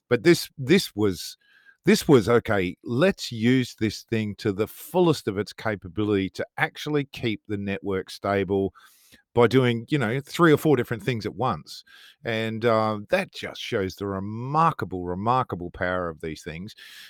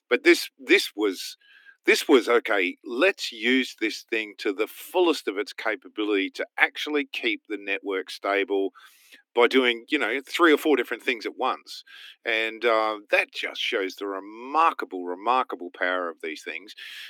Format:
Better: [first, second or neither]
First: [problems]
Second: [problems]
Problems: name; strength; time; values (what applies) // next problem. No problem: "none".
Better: first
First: none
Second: thin; somewhat; fading below 250 Hz